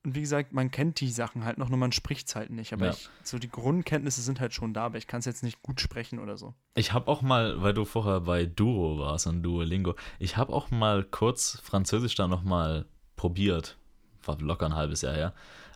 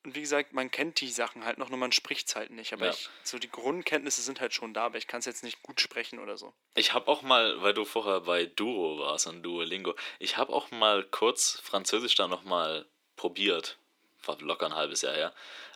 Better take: first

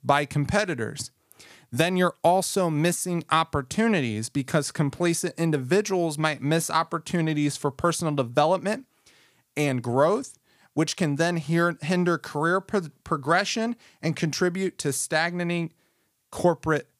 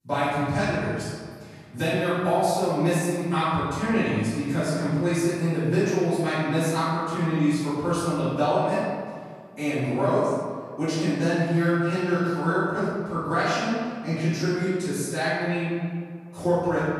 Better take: first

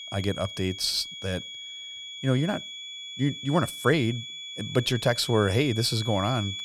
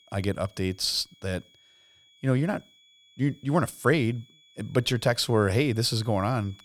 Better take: second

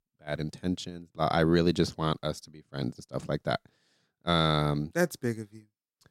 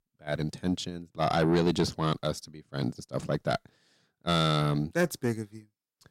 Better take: first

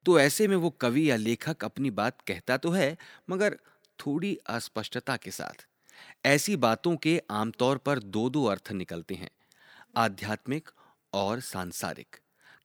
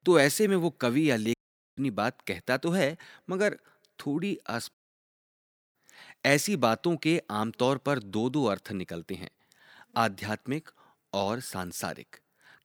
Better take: first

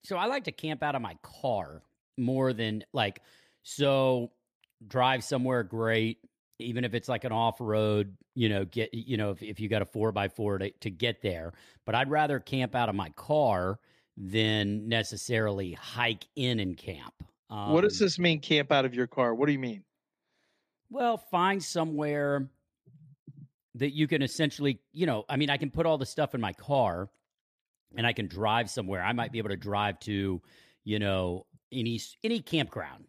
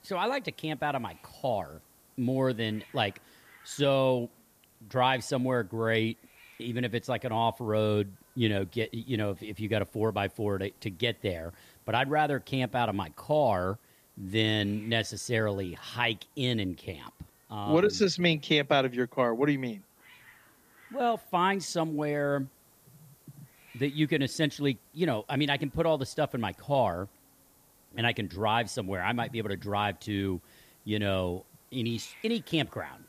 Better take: first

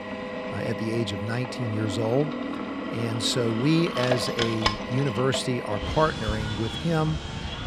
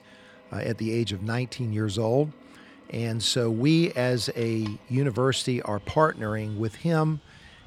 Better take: second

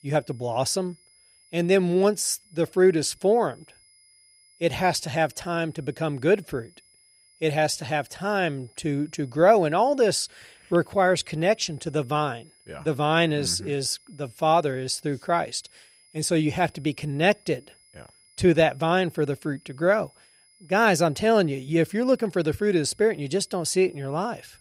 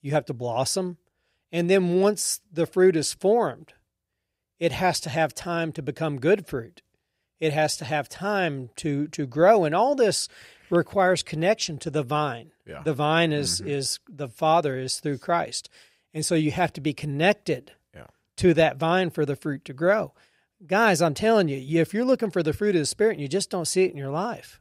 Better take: second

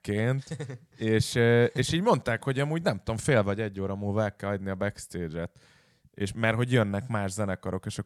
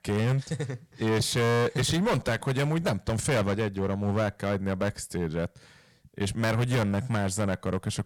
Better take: first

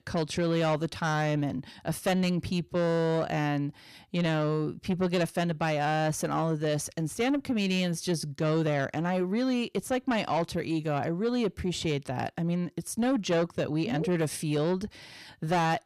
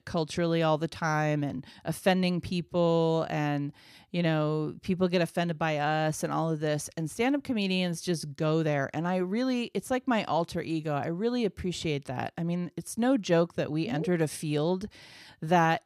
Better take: second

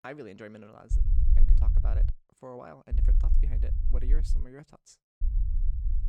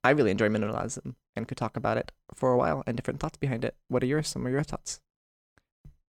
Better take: second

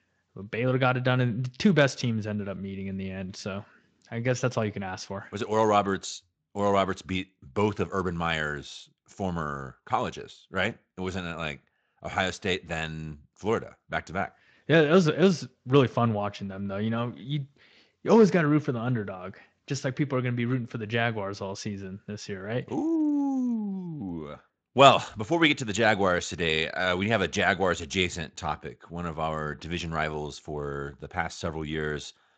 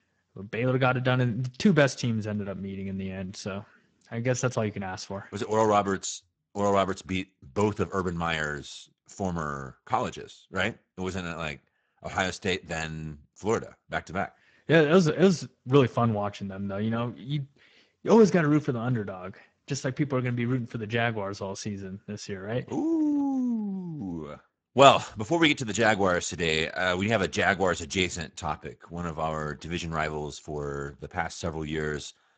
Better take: first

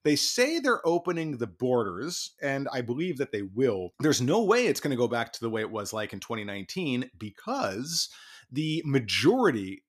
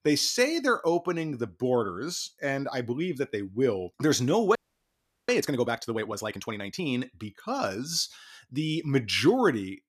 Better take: first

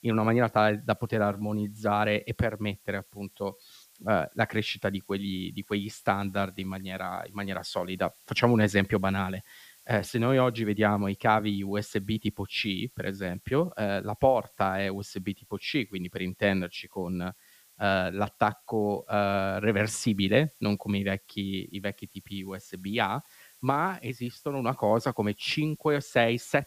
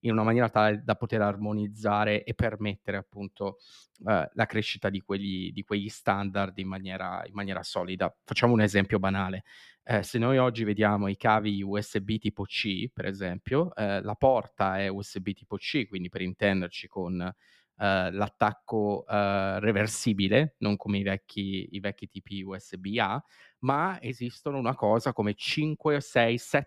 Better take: second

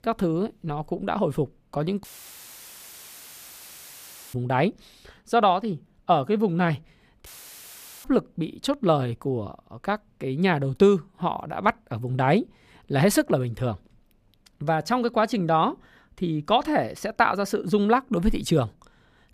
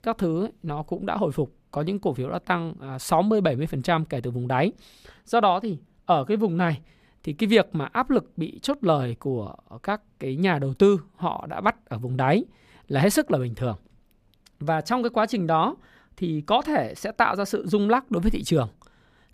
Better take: second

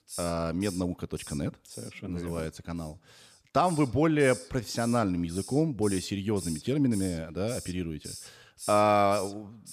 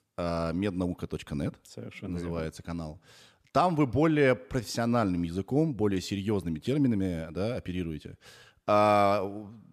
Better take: second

